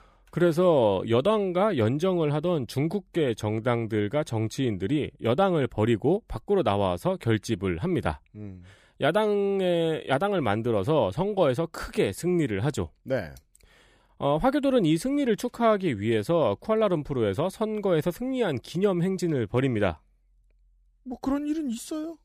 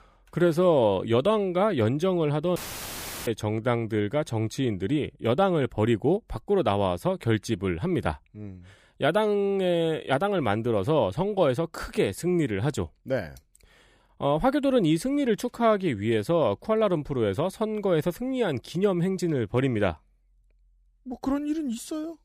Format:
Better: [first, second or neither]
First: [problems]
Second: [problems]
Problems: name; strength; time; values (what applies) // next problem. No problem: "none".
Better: first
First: none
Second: audio cutting out; filled with static; at 2.5 s for 0.5 s